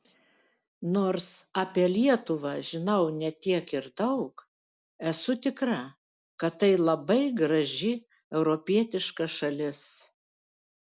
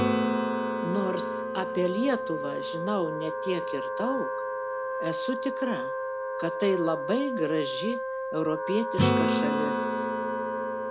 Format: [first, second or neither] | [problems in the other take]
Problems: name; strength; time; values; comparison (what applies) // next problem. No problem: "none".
first | background sound (Acoustic guitar / Strum + Wind instrument, woodwind instrument); 2 dB above the speech